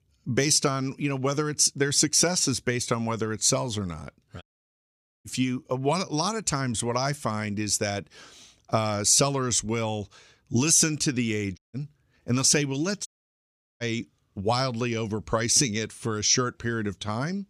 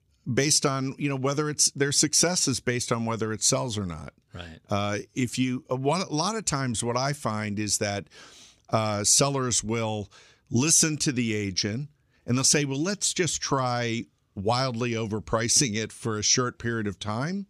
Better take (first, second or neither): second